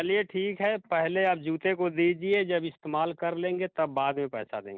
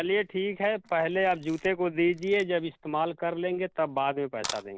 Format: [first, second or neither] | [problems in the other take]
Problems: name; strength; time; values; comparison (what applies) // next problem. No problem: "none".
first | background sound (Camera); 19 dB below the speech